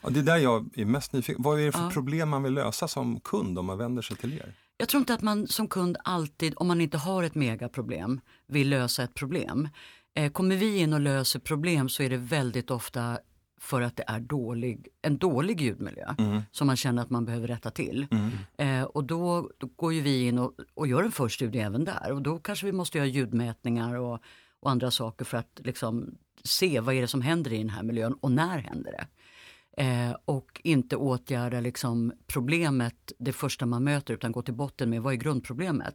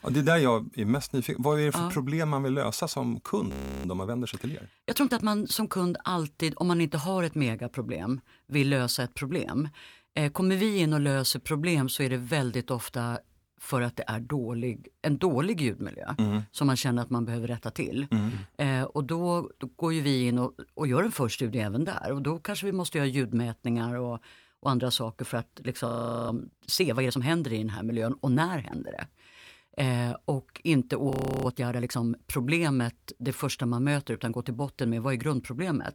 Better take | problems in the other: first | audio freezing; at 3.5 s, at 26 s and at 31 s

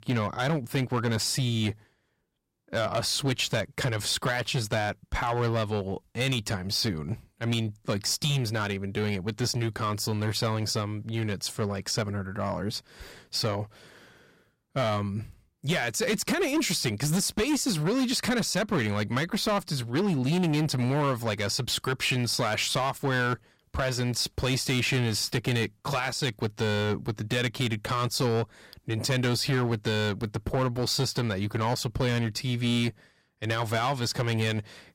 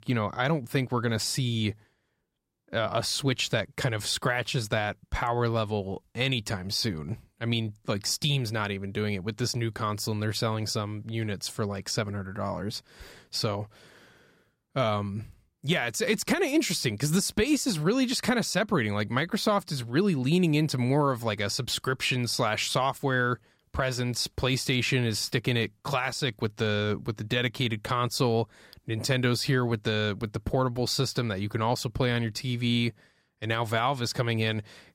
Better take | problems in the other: second | distortion; slight; 9% of the sound clipped

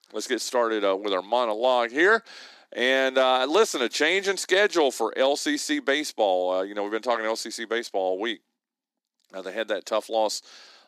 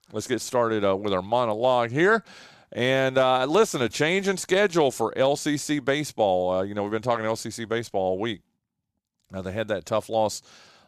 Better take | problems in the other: second | thin; very slightly; fading below 250 Hz

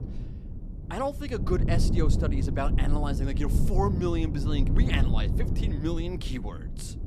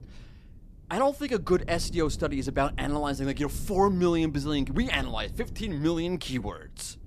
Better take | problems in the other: second | low rumble; loud; throughout; 6 dB below the speech; faint in the second

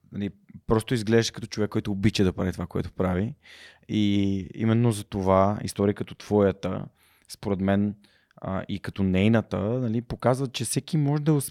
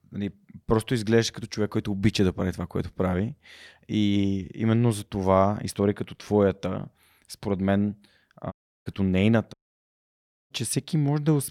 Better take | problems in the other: first | audio cutting out; at 8.5 s and at 9.5 s for 1 s

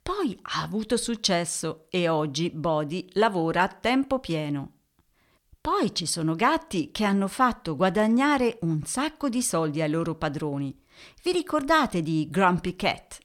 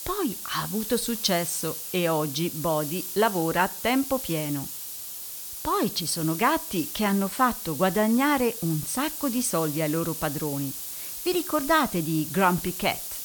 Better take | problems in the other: first | hiss; loud; throughout; 6 dB below the speech

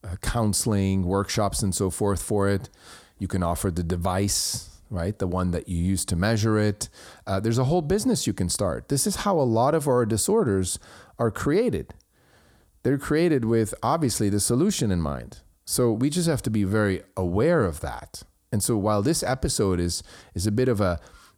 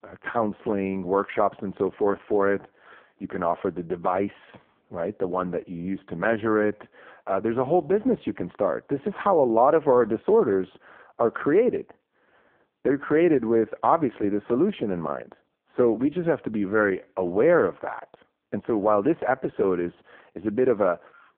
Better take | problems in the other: first | phone-call audio; poor line

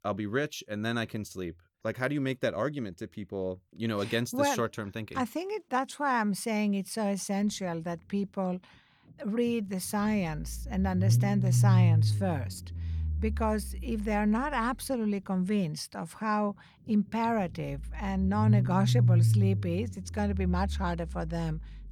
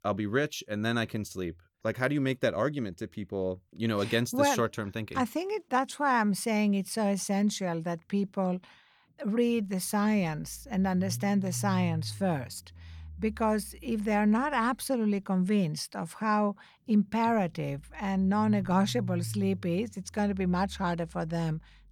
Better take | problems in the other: second | low rumble; loud; from 7.5 s on; 8 dB below the speech; faint in the second

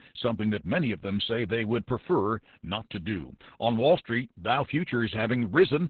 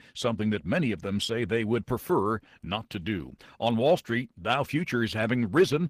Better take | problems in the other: second | garbled, watery; badly; nothing above 4 kHz; slightly in the second

